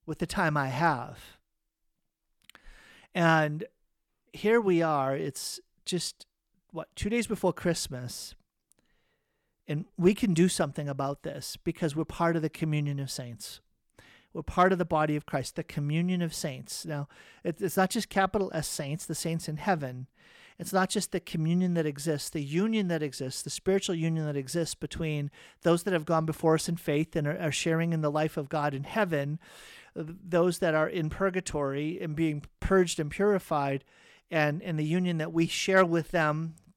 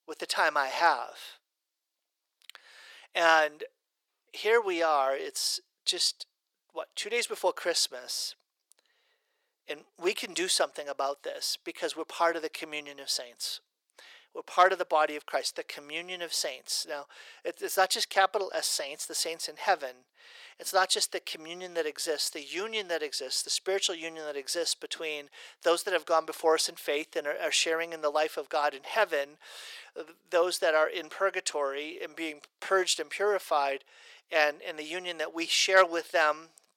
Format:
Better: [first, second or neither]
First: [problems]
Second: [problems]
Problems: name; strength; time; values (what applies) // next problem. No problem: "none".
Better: first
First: none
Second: thin; very; fading below 450 Hz